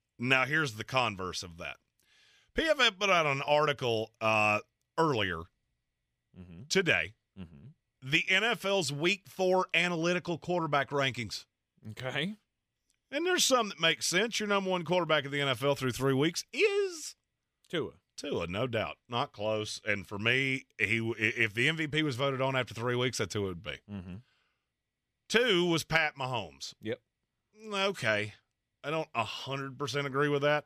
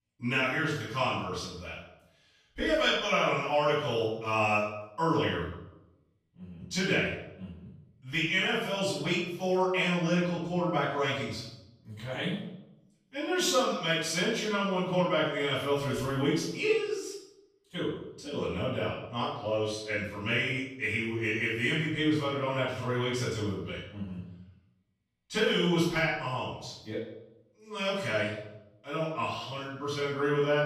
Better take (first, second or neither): first